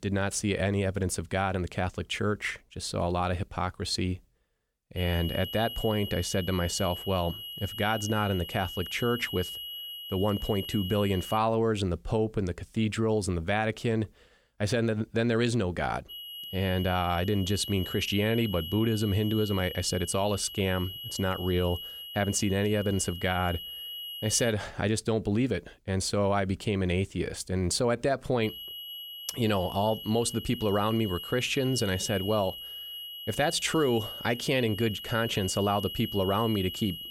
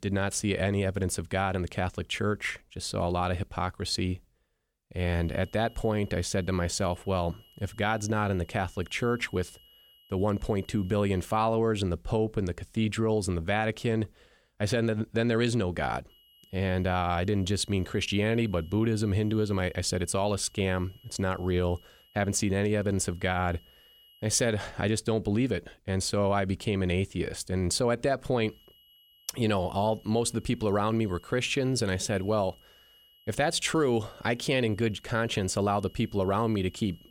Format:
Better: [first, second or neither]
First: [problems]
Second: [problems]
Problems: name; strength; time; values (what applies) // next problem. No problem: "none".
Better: second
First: high-pitched whine; loud; from 5 to 11 s, from 16 to 25 s and from 28 s on; 3 kHz, 9 dB below the speech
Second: high-pitched whine; faint; from 5 to 11 s, from 16 to 25 s and from 28 s on; 3 kHz, 30 dB below the speech